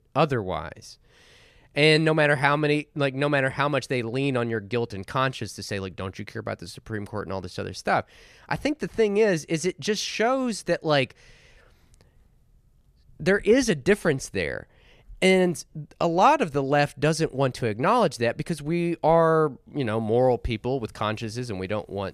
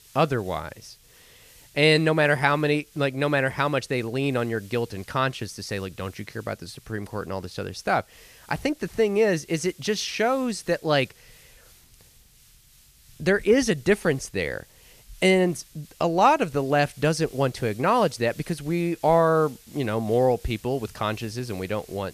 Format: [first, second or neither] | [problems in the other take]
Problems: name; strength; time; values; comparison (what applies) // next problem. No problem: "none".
first | hiss; faint; throughout; 25 dB below the speech